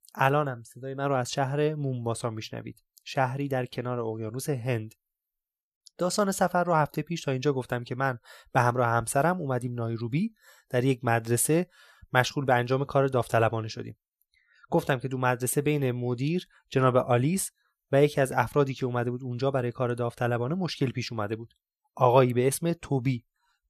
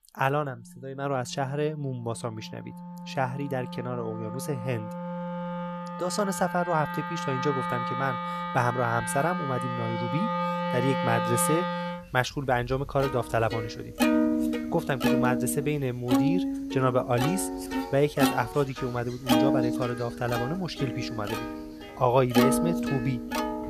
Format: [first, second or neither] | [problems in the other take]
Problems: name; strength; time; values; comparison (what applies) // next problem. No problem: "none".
first | background music; loud; throughout; 1 dB below the speech